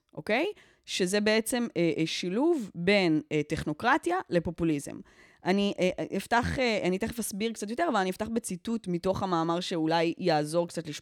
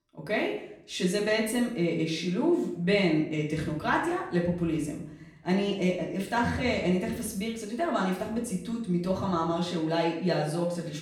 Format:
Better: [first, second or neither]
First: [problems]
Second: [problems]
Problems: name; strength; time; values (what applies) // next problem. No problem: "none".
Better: first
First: none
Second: room echo; noticeable; dies away in 0.7 s // off-mic speech; far